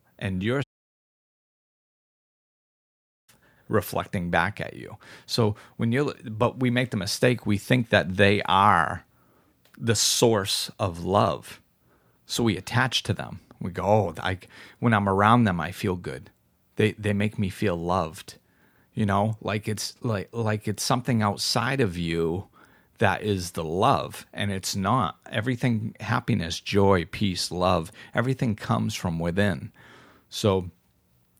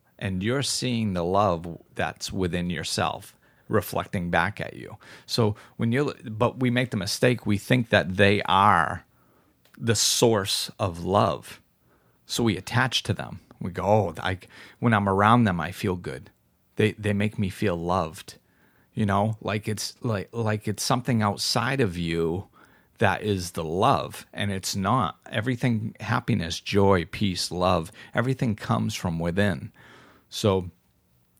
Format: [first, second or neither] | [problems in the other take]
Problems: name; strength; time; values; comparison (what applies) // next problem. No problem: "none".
second | audio cutting out; at 0.5 s for 2.5 s